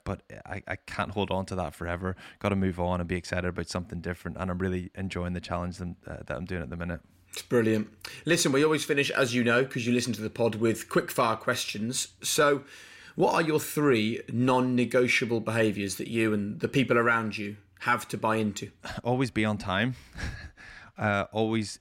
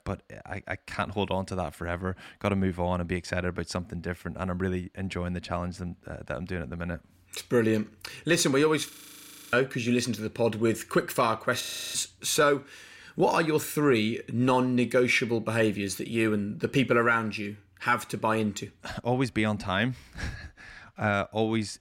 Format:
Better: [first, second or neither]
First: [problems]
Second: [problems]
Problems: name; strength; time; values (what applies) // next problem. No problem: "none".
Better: first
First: none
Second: audio freezing; at 9 s for 0.5 s and at 12 s